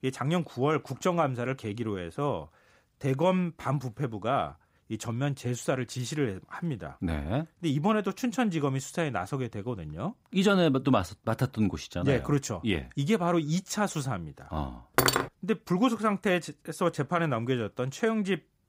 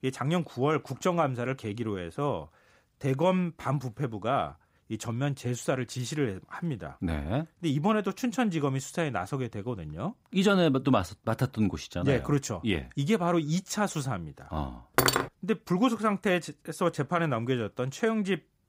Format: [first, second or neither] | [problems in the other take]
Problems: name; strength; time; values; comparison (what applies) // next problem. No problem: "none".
neither | clattering dishes; loud; at 15 s; peak 5 dB above the speech; the same in both